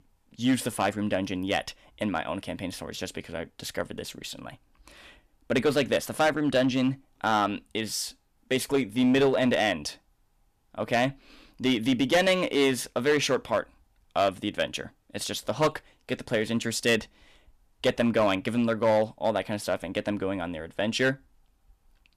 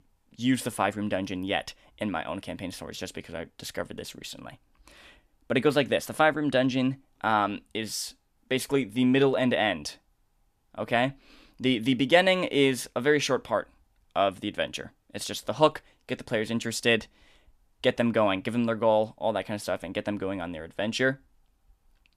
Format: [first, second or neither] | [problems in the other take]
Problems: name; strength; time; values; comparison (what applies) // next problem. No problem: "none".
second | distortion; slight; 3% of the sound clipped